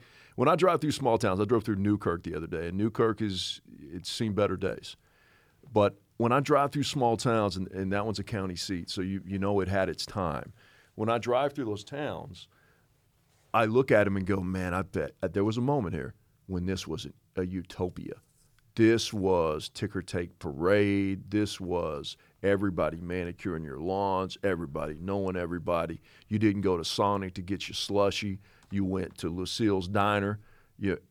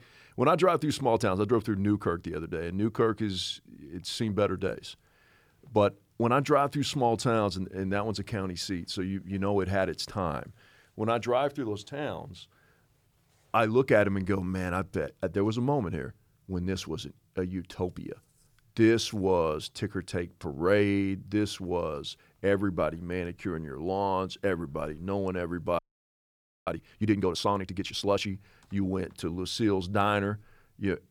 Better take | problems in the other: first | audio freezing; at 26 s for 1 s

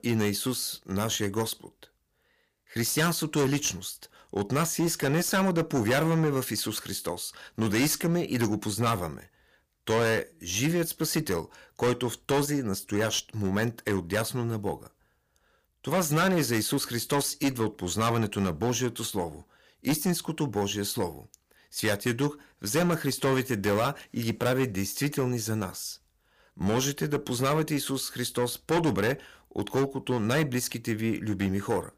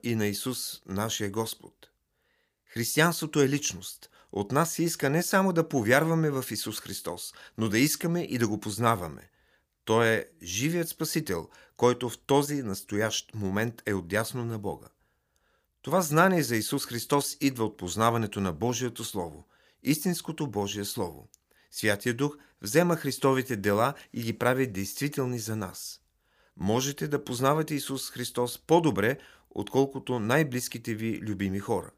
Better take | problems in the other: second | distortion; heavy; 9% of the sound clipped

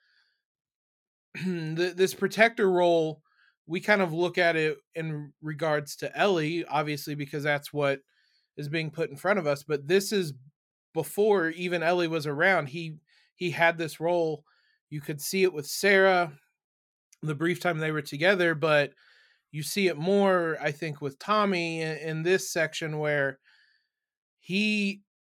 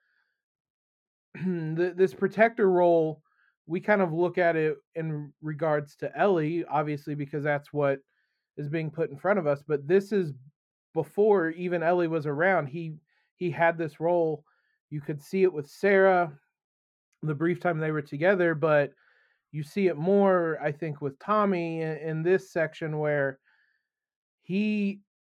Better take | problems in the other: first | muffled; very; fading above 2.5 kHz

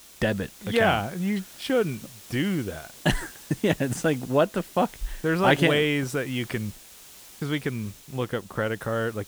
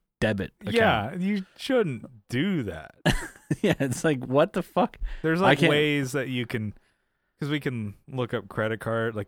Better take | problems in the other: second | hiss; noticeable; throughout; 20 dB below the speech

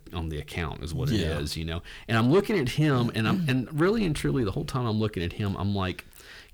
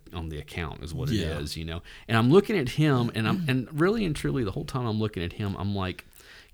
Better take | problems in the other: second | distortion; slight; 10 dB below the speech

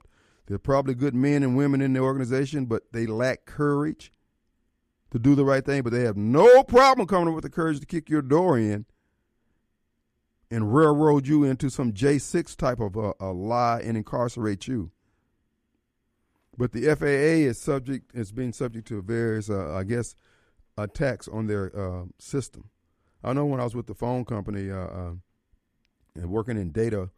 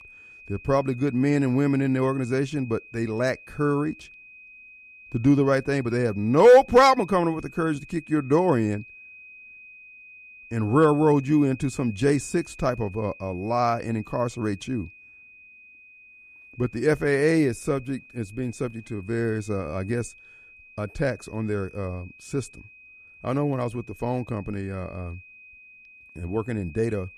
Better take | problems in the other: first | high-pitched whine; faint; throughout; 2.5 kHz, 20 dB below the speech

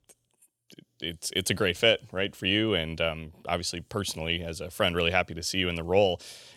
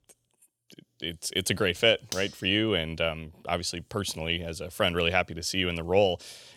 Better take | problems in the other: first | clattering dishes; noticeable; at 2 s; peak 10 dB below the speech

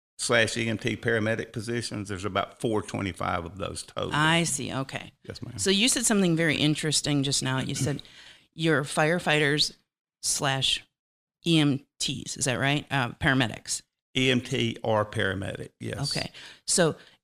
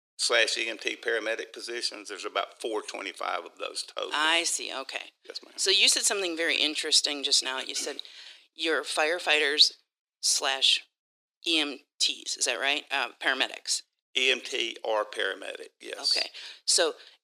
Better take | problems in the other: first | thin; very; fading below 350 Hz

